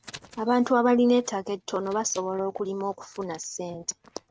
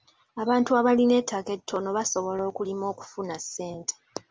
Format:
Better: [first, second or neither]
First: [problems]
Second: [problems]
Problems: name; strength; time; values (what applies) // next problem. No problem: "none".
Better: second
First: noise reduction (neural mask model RNNoise)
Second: none